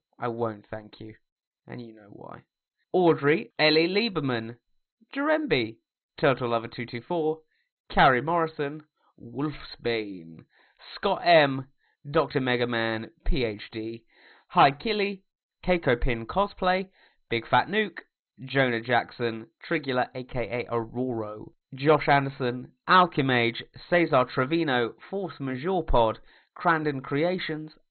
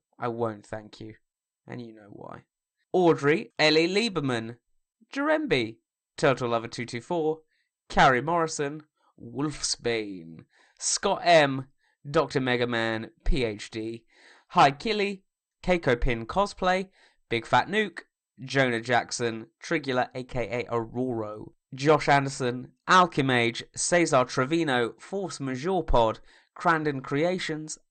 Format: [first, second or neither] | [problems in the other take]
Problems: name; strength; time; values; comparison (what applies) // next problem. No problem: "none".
second | garbled, watery; badly; nothing above 4 kHz; slightly in the second